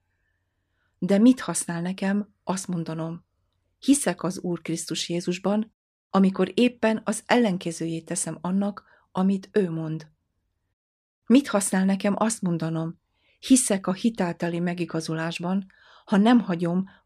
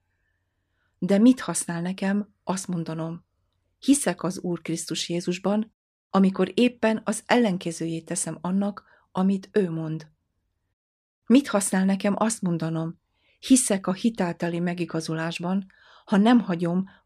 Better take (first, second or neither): neither